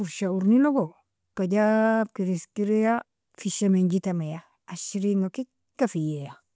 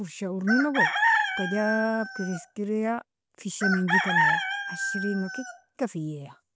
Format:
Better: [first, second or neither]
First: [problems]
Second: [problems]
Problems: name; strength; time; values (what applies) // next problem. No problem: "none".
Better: first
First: none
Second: background sound (Chicken, rooster); 2 dB above the speech